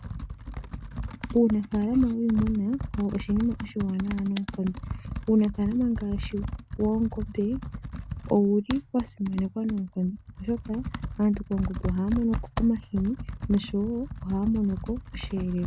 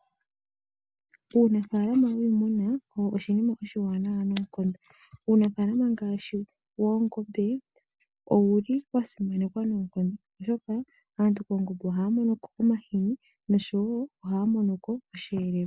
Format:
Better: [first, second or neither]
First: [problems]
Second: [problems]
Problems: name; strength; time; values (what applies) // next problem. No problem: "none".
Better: second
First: background sound (Computer keyboard); 8 dB below the speech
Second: none